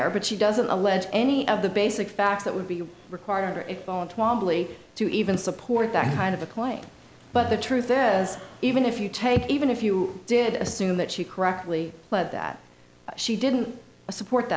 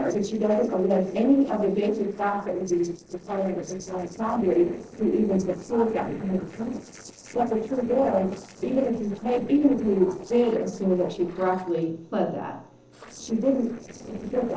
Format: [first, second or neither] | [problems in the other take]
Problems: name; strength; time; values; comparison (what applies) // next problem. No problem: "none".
first | noise reduction (neural separator model SepFormer DNS4)